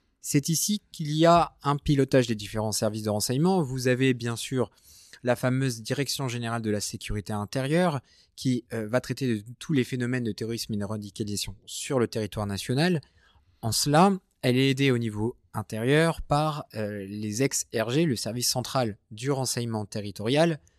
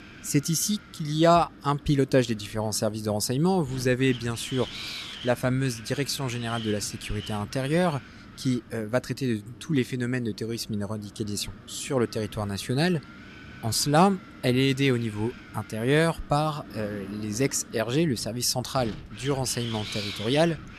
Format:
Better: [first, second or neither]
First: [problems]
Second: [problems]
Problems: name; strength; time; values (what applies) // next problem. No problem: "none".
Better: first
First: none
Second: wind noise on the microphone; occasional gusts; 15 dB below the speech